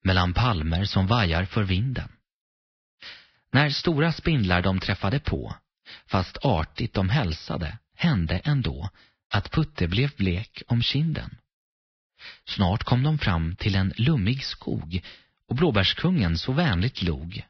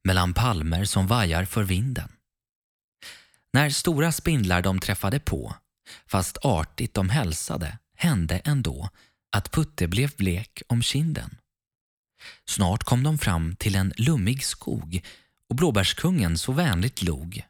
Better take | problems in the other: second | garbled, watery; badly; nothing above 5.5 kHz

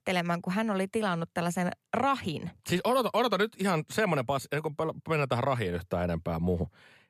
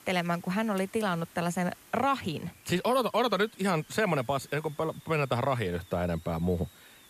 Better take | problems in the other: first | hiss; faint; throughout; 25 dB below the speech

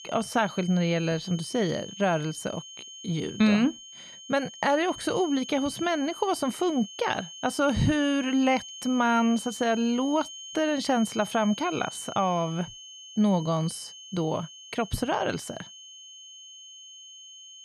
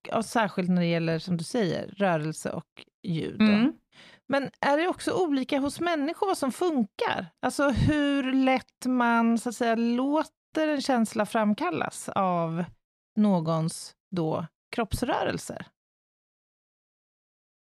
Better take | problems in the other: second | high-pitched whine; noticeable; throughout; 3 kHz, 15 dB below the speech

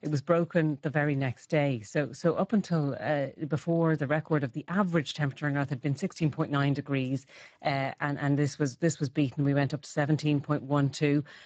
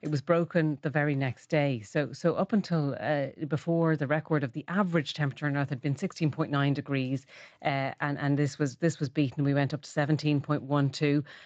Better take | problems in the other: second | garbled, watery; badly; nothing above 7.5 kHz; slightly in the second

